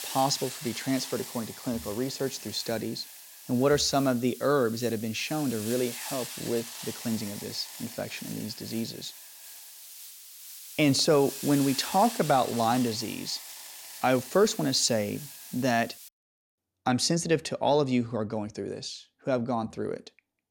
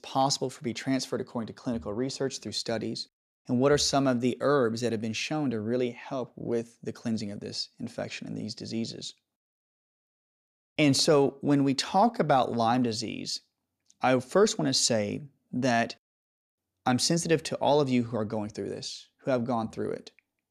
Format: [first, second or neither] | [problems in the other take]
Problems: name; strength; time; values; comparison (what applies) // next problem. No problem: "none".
second | hiss; noticeable; until 16 s; 10 dB below the speech